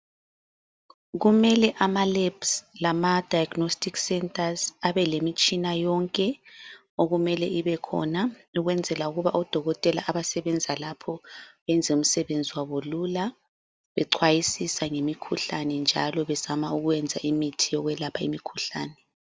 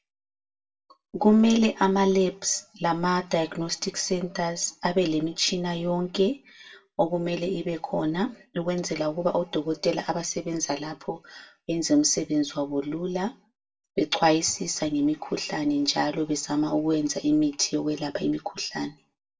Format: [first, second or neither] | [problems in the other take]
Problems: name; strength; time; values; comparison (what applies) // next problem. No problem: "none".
first | room echo; dies away in 0.2 s